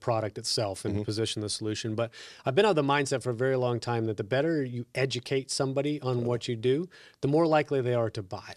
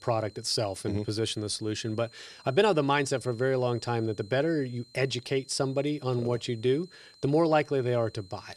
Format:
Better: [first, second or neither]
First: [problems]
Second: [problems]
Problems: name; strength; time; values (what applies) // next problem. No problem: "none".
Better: first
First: none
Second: high-pitched whine; faint; throughout; 4 kHz, 25 dB below the speech